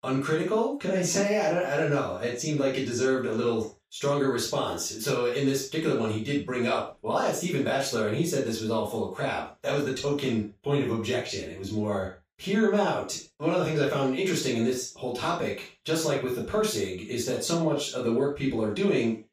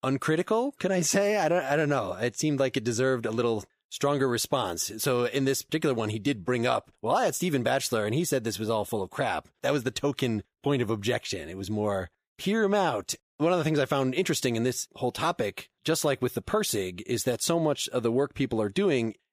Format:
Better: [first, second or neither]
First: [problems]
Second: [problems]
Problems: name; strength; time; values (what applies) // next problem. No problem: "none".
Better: second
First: room echo; noticeable; dies away in 0.3 s // off-mic speech; far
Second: none